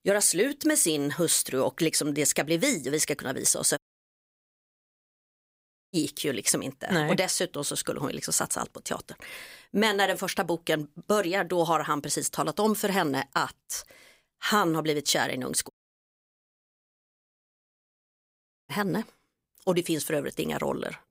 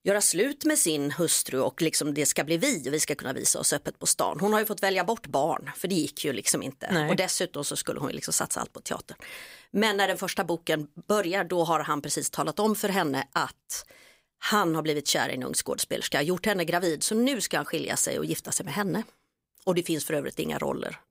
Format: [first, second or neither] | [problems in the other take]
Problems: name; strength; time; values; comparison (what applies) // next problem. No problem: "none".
second | audio cutting out; at 4 s for 2 s and at 16 s for 3 s